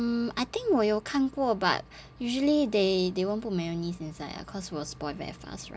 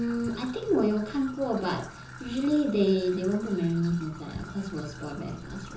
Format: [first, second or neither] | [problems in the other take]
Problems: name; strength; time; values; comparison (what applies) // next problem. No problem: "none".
first | background sound (Trickle, dribble / Traffic noise, roadway noise); 17 dB below the speech // room echo; dies away in 0.6 s